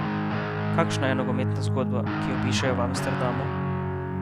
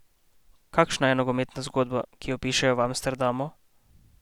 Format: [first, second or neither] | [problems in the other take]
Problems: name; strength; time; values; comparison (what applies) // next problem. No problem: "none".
second | background sound (Guitar); 5 dB above the speech